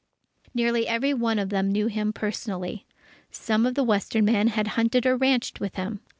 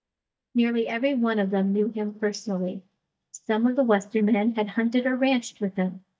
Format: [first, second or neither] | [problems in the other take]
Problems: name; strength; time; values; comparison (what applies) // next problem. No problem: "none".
first | noise reduction (neural mask model DeepFilterNet 3)